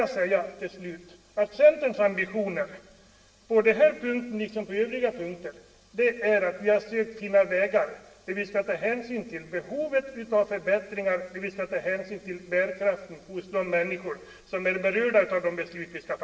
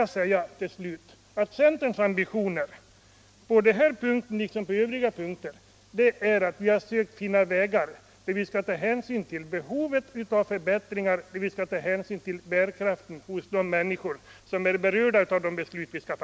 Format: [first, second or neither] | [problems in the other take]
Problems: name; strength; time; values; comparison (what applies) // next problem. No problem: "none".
second | room echo; dies away in 0.8 s